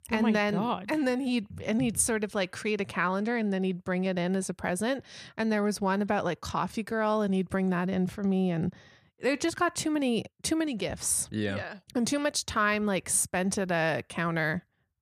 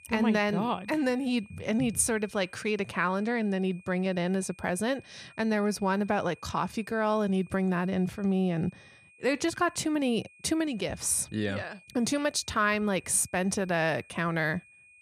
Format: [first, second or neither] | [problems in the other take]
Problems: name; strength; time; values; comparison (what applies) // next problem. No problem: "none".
first | high-pitched whine; faint; throughout; 2.5 kHz, 25 dB below the speech